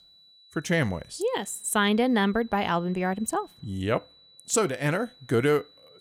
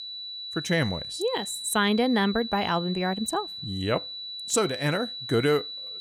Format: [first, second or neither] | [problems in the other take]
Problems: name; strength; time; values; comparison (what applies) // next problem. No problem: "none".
first | high-pitched whine; loud; throughout; 4 kHz, 7 dB below the speech; faint in the first